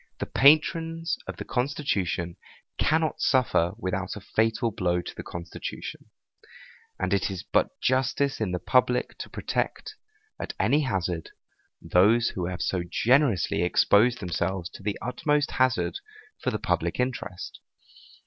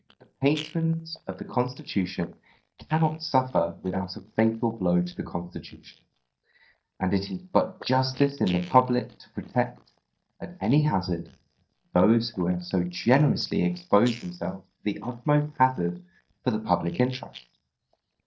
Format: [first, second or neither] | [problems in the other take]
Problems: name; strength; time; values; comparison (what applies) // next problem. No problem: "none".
first | noise reduction (neural mask model DeepFilterNet 3)